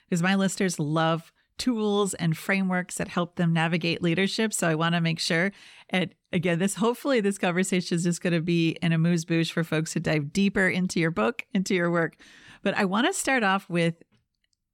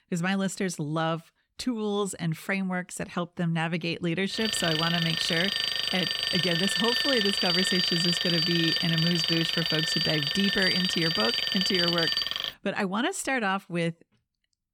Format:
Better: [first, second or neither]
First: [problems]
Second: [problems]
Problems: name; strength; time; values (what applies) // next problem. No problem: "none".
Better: first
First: none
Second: alarm; loud; from 4.5 to 13 s; peak 6 dB above the speech